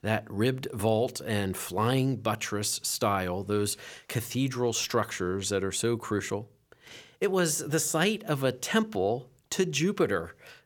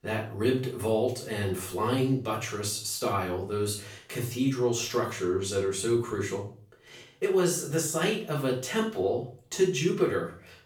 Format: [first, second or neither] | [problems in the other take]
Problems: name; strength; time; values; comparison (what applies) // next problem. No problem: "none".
first | room echo; slight; dies away in 0.4 s // off-mic speech; far